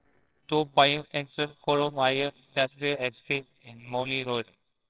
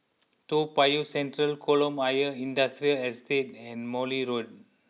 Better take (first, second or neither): second